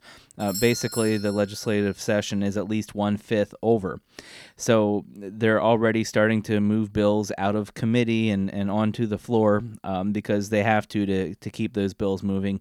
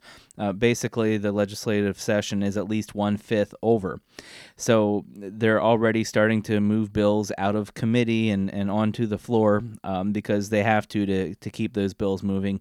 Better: second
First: doorbell; noticeable; at 0.5 s; peak 7 dB below the speech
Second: none

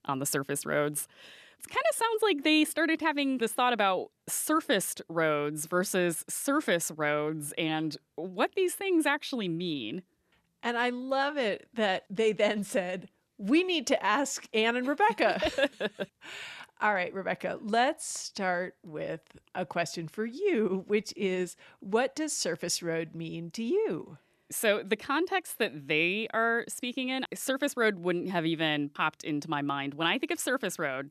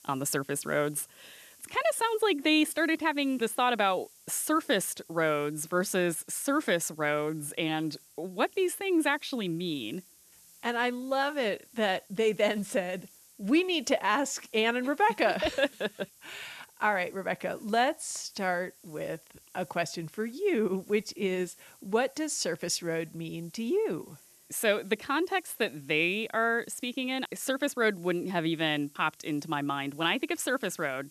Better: first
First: none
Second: hiss; faint; throughout; 25 dB below the speech

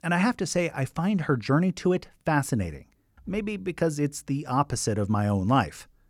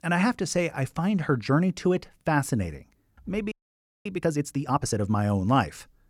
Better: first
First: none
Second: audio freezing; at 3.5 s for 0.5 s

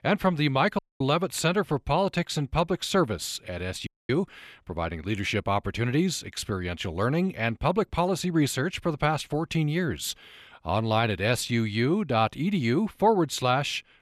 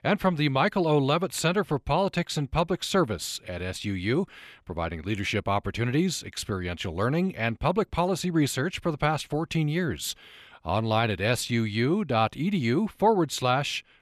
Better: second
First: audio cutting out; at 1 s and at 4 s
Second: none

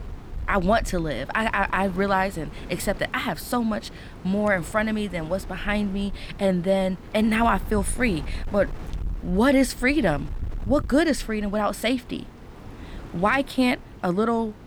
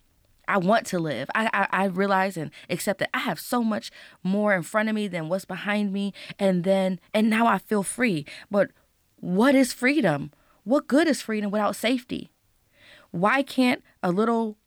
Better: second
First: wind noise on the microphone; occasional gusts; 20 dB below the speech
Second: none

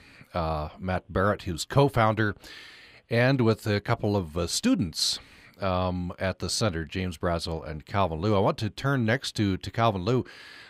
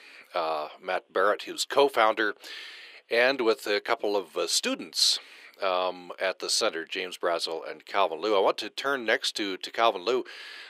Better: first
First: none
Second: thin; very; fading below 400 Hz

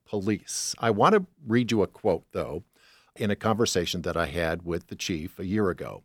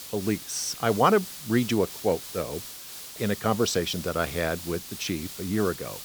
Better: first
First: none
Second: hiss; noticeable; throughout; 10 dB below the speech

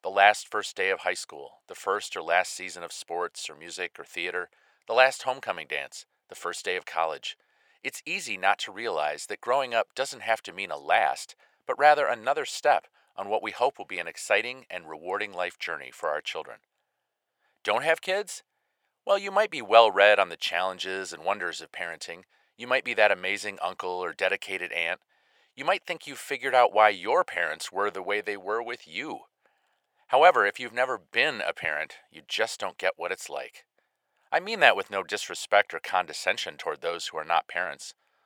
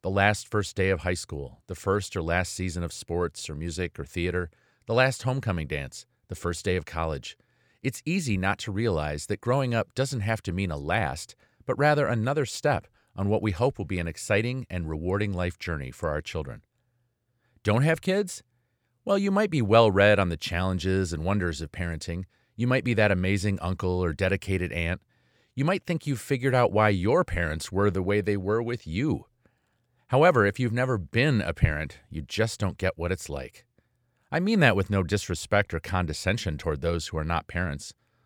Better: second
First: thin; very; fading below 650 Hz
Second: none

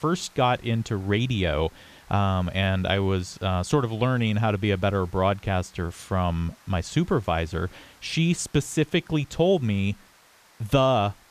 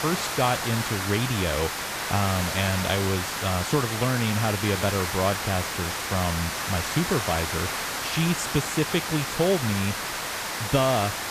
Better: first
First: hiss; faint; throughout; 30 dB below the speech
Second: hiss; loud; throughout; 2 dB below the speech

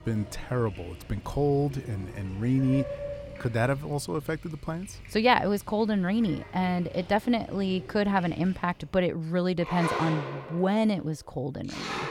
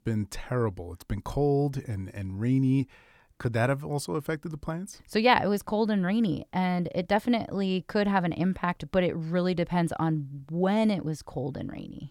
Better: second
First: household noises; noticeable; throughout; 10 dB below the speech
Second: none

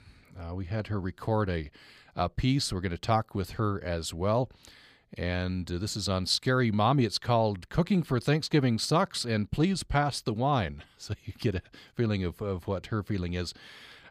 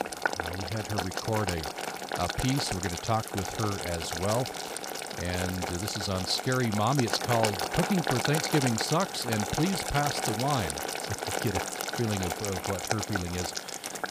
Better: first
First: none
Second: household noises; loud; throughout; 2 dB below the speech

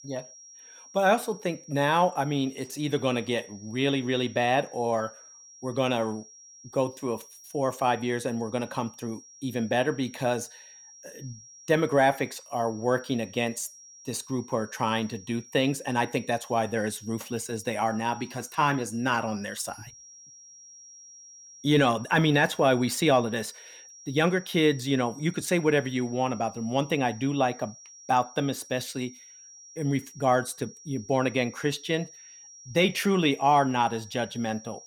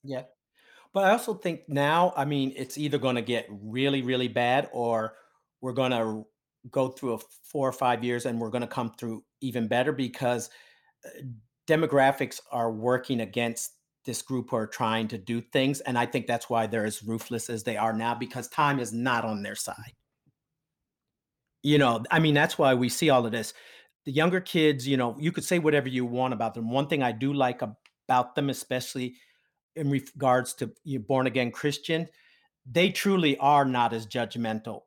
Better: second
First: high-pitched whine; noticeable; throughout; 5.5 kHz, 20 dB below the speech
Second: none

